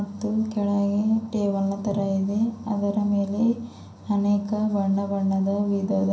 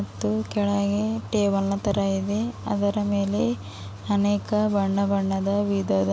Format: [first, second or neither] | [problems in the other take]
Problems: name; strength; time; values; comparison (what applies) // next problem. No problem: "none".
second | room echo; dies away in 0.6 s